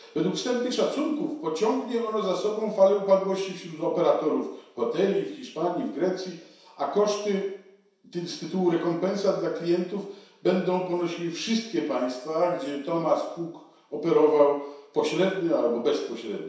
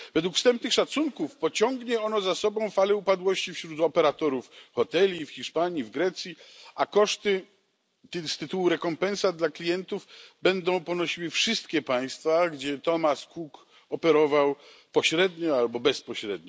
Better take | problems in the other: second | room echo; dies away in 0.7 s

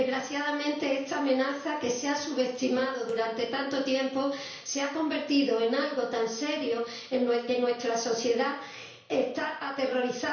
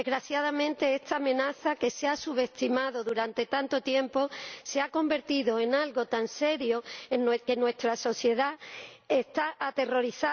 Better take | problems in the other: second | room echo; dies away in 0.5 s

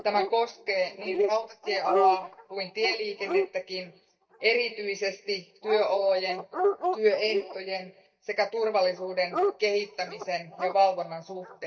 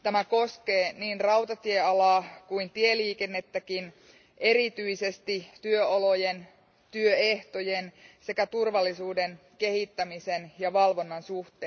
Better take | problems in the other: second | noise reduction (neural mask model DeepFilterNet 3)

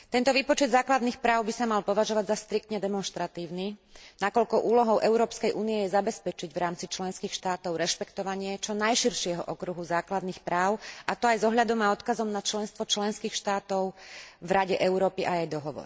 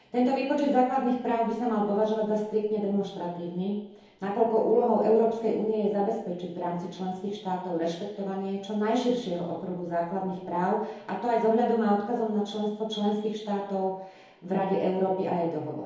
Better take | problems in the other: first | room echo; dies away in 2.2 s

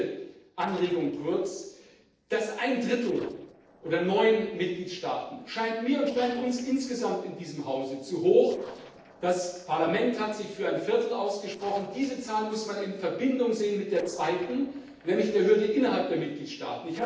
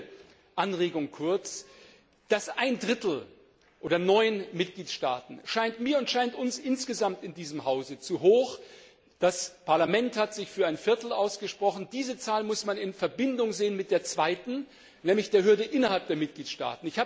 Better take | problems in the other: second | noise reduction (neural separator model SepFormer DNS4)

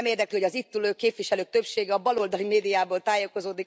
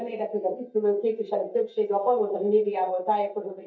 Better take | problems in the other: first | noise reduction (neural mask model DeepFilterNet 3)

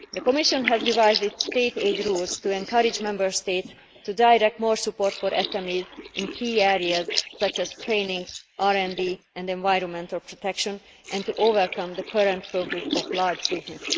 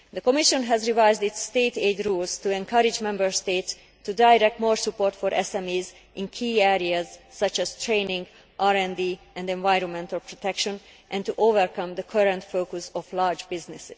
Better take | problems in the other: second | noise reduction (neural mask model Resemble Enhance denoiser)

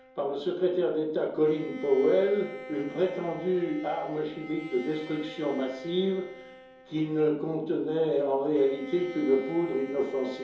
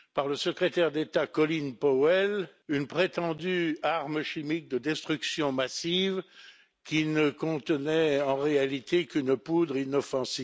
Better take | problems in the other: second | background sound (Bowed string instrument); 16 dB below the speech // room echo; dies away in 2.8 s

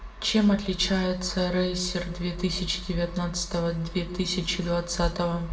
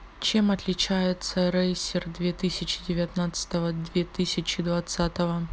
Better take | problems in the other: second | room echo; dies away in 0.7 s

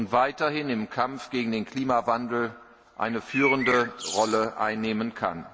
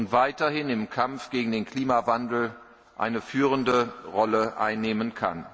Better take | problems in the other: second | background sound (Bird); 4 dB below the speech

